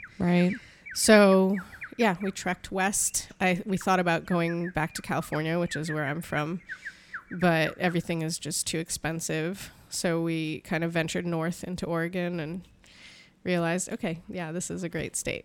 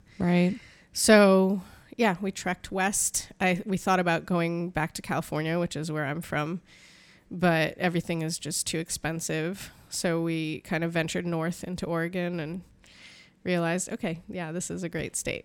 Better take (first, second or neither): second